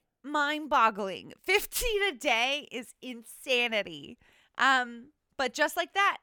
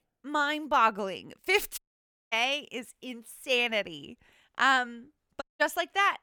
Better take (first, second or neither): first